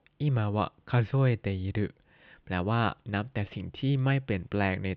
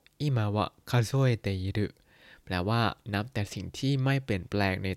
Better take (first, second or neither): second